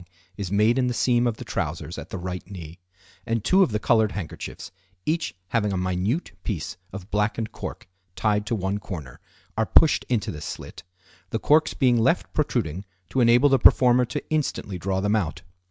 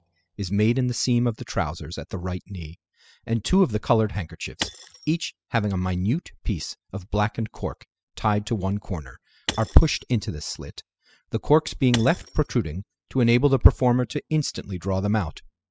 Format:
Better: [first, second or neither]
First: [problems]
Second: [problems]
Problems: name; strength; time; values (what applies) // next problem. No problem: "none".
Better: first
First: none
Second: noise reduction (classical method spectral subtraction)